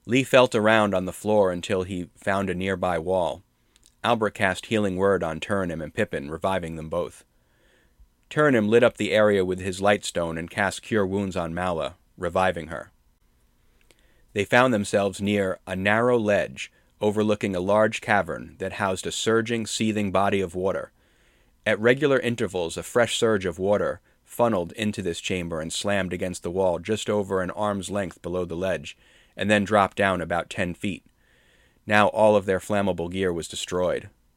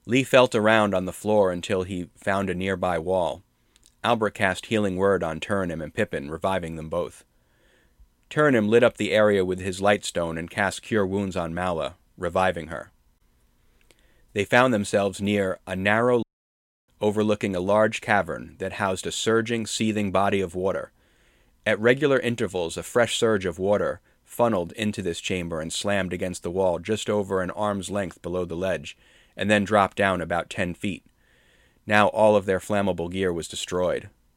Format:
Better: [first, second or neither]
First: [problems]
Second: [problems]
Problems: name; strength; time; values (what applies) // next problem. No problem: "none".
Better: first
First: none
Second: audio cutting out; at 16 s for 0.5 s